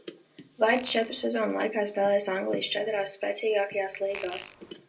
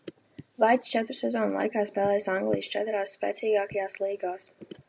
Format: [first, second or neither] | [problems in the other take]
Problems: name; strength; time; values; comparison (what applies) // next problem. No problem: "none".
second | background sound (Fart); 14 dB below the speech // room echo; dies away in 0.2 s